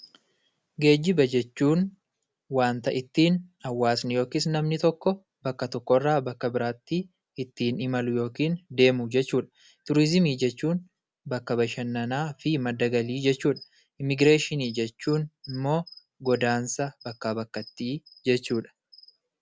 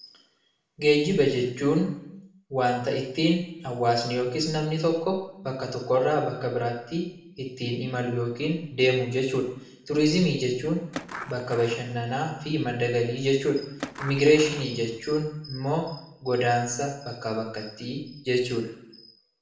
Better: first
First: none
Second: background sound (Skateboard); 12 dB below the speech // room echo; dies away in 0.7 s

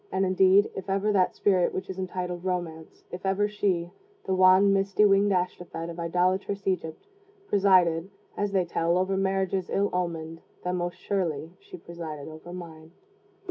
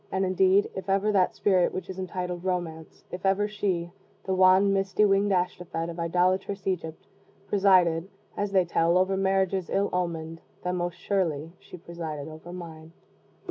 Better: second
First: room echo; dies away in 0.3 s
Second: none

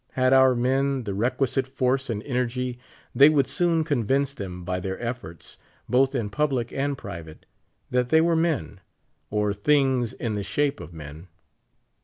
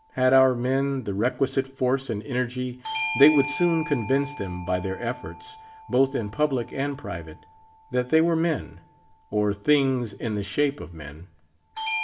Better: first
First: none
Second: background sound (Bell / Doorbell); 13 dB below the speech // room echo; dies away in 0.5 s

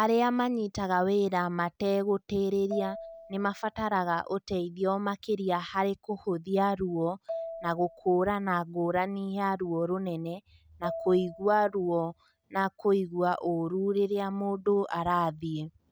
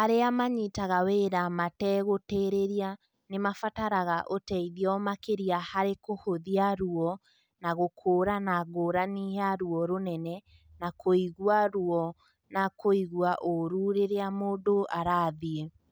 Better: second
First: background sound (Marimba, xylophone); 15 dB below the speech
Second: none

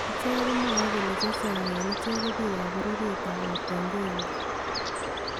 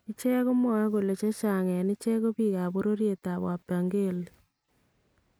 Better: second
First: background sound (Bird); 2 dB above the speech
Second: none

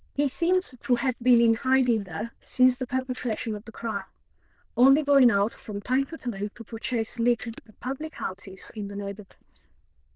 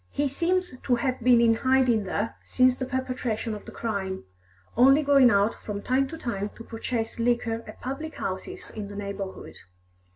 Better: second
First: noise reduction (neural diffusion model UNIVERSE++)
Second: none

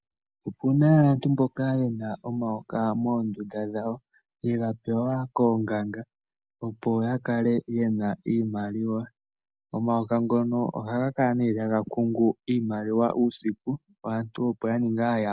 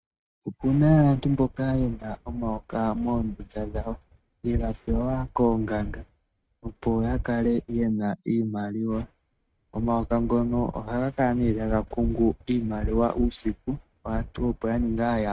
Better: first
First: none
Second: noise reduction (neural mask model RNNoise)

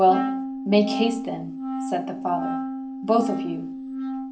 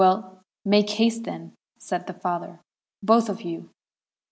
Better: second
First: background sound (Wind instrument, woodwind instrument); 4 dB below the speech // room echo; dies away in 0.3 s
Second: none

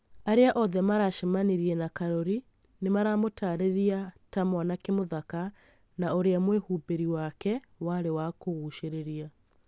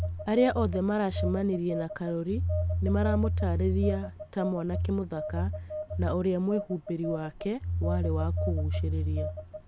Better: first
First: none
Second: background sound (Telephone); as loud as the speech

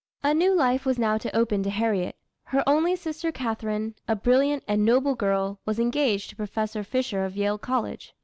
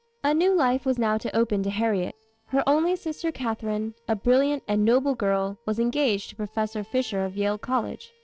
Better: first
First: none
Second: noise reduction (neural separator model SepFormer DNS4)

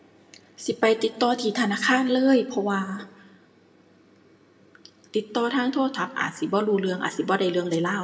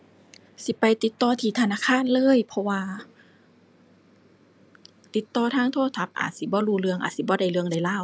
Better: second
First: room echo; dies away in 0.7 s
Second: none

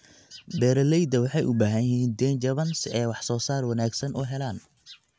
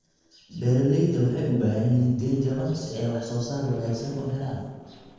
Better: first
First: none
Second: noise reduction (neural separator model SepFormer DNS4)

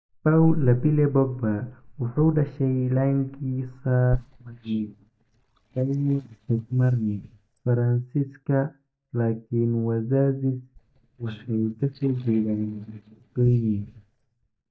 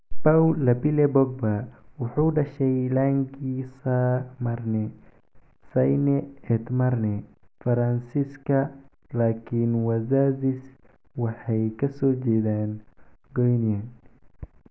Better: second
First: noise reduction (neural mask model DeepFilterNet 3)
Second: none

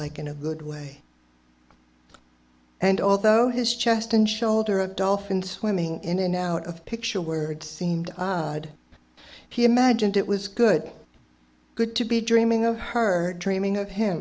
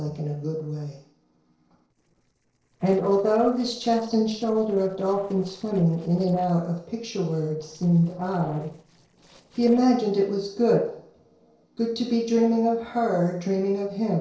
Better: first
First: none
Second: noise reduction (neural separator model SepFormer DNS4)

